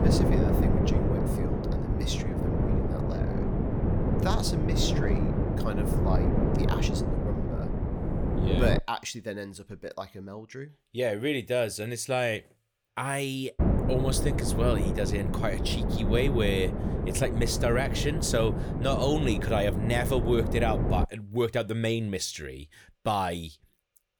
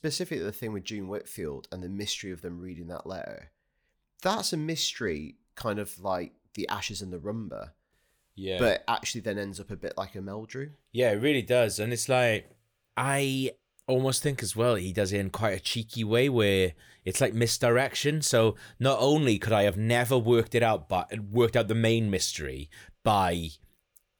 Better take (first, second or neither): second